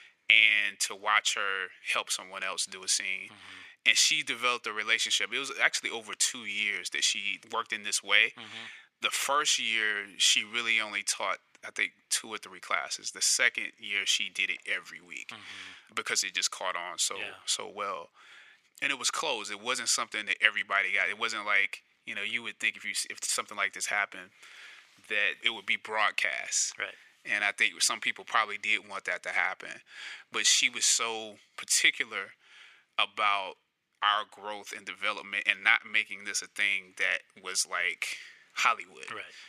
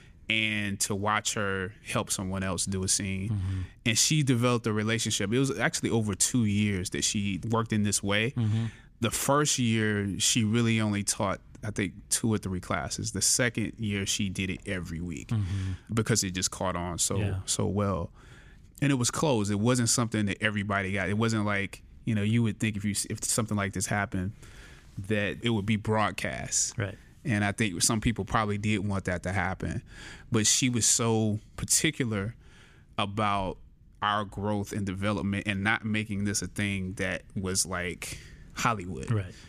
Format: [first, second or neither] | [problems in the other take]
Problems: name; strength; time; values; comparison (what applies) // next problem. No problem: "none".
second | thin; very; fading below 650 Hz